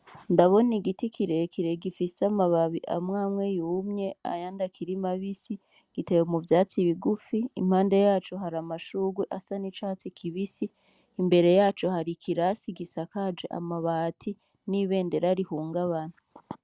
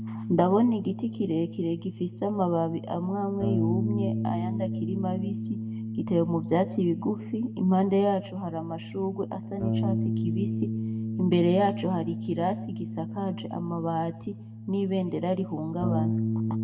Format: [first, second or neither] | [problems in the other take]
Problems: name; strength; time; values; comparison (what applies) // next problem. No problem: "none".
first | background sound (Bass guitar); 4 dB below the speech // room echo; dies away in 0.6 s